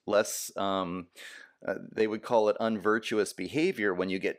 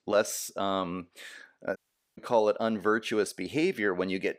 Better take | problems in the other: first | audio cutting out; at 2 s

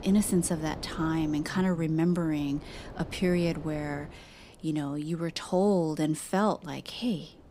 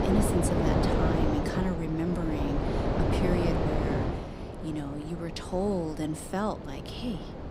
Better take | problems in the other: first | wind noise on the microphone; heavy; 3 dB above the speech; occasional gusts in the first

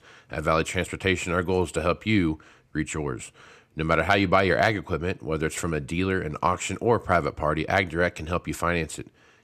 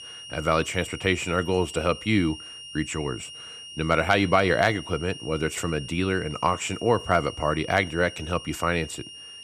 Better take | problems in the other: first | high-pitched whine; noticeable; throughout; 3 kHz, 15 dB below the speech

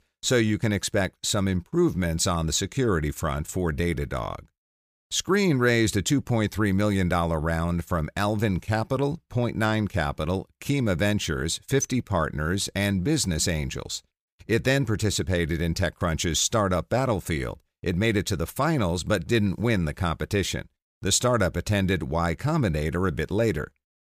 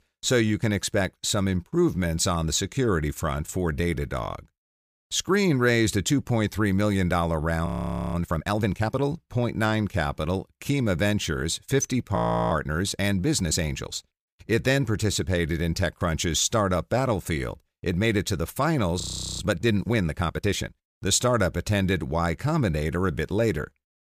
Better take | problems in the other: first | audio freezing; at 7.5 s, at 12 s and at 19 s

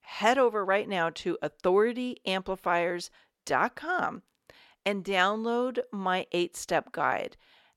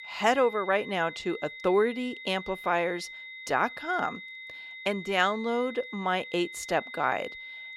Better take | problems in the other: first | high-pitched whine; noticeable; throughout; 2 kHz, 10 dB below the speech

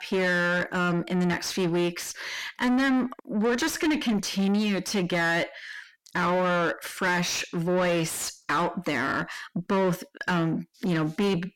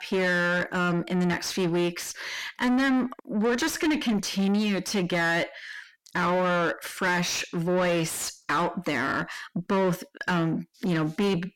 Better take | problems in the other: neither | distortion; heavy; 7 dB below the speech; the same in both

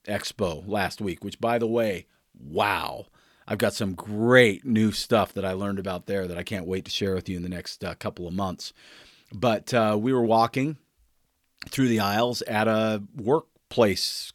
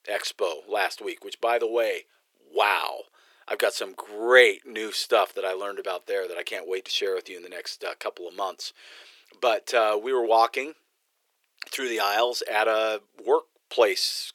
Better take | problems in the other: first | thin; very; fading below 400 Hz

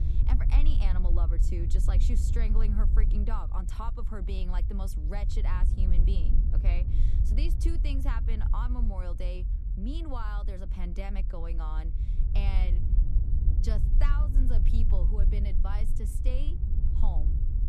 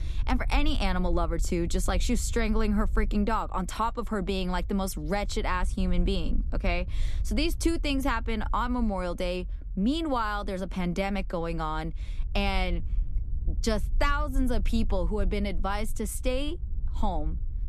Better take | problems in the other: second | low rumble; loud; throughout; 6 dB below the speech; faint in the second

